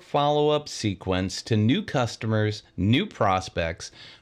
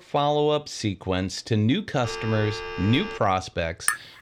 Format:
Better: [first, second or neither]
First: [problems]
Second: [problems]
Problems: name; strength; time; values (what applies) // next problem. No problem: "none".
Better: first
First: none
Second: phone ringing; noticeable; from 2 to 3 s; peak 8 dB below the speech // clattering dishes; noticeable; at 4 s; peak 1 dB below the speech